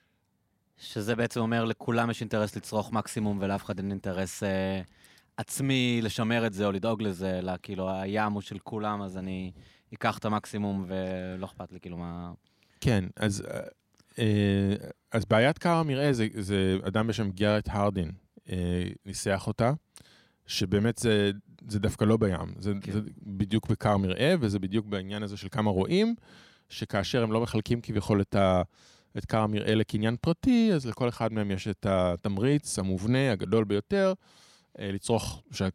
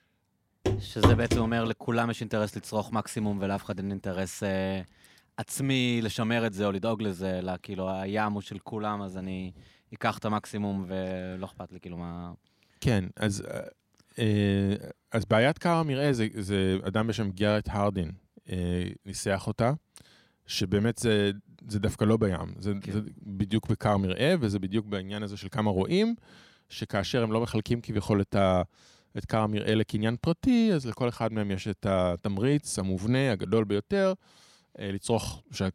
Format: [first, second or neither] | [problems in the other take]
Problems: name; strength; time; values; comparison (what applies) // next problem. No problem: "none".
first | footsteps; loud; at 0.5 s; peak 6 dB above the speech